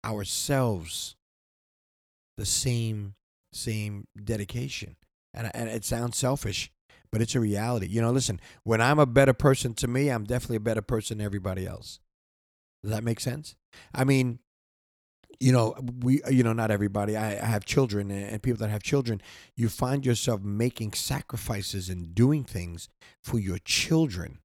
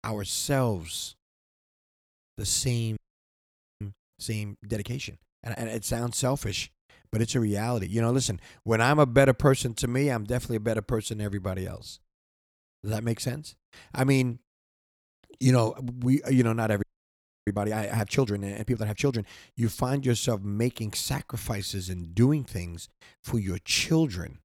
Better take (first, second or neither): first